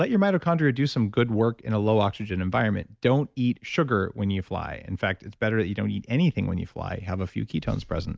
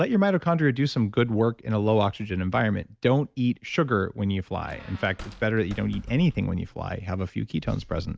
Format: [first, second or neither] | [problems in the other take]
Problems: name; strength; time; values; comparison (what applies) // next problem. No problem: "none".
first | background sound (Squeak); 18 dB below the speech